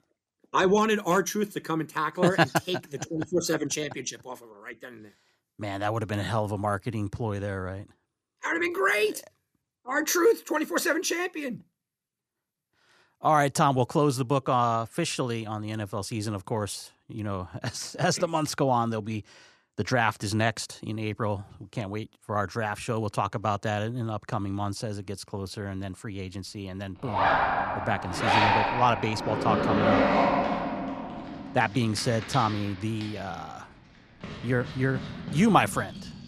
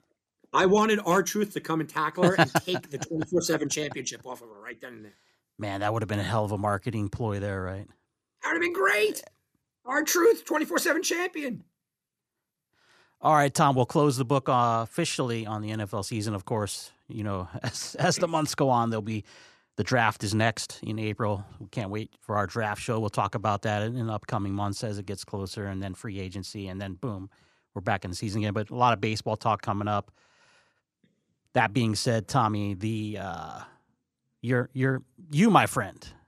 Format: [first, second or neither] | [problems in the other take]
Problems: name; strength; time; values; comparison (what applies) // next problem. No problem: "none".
second | household noises; loud; from 26 s on; as loud as the speech